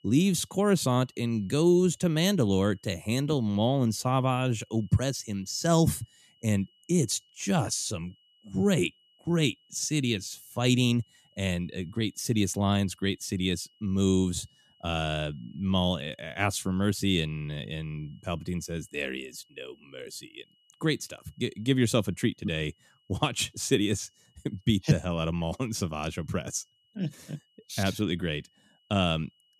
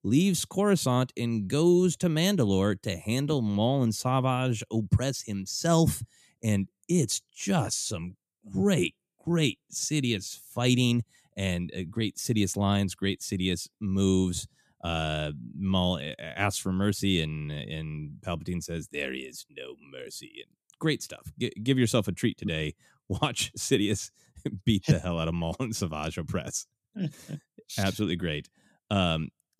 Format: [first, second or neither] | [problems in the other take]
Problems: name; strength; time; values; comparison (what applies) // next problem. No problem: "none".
second | high-pitched whine; faint; throughout; 3 kHz, 35 dB below the speech